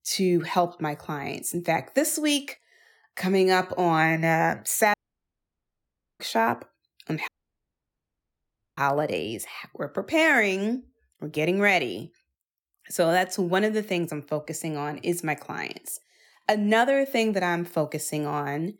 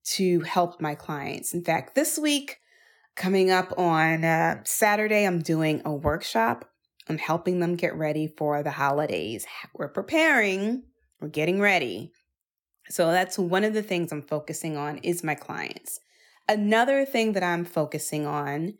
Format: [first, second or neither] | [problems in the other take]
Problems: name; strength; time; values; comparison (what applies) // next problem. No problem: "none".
second | audio cutting out; at 5 s for 1.5 s and at 7.5 s for 1.5 s